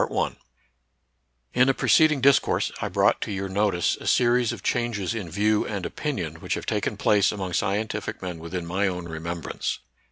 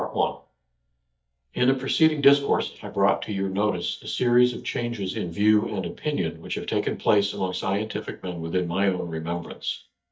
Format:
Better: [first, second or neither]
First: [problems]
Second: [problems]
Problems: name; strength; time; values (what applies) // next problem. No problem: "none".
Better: first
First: none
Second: noise reduction (neural mask model DeepFilterNet 3)